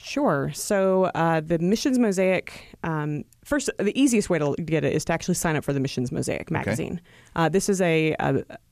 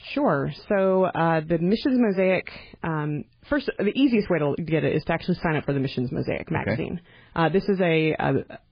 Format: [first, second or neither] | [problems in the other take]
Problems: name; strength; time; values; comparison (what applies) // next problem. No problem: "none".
first | garbled, watery; badly; nothing above 5 kHz